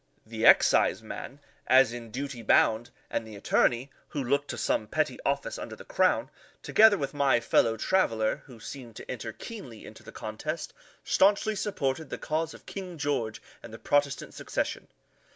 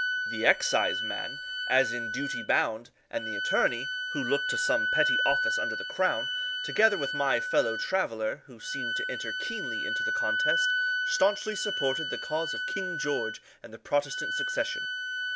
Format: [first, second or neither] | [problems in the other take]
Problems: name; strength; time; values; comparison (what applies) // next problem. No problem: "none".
first | background sound (Wind instrument, woodwind instrument); 1 dB below the speech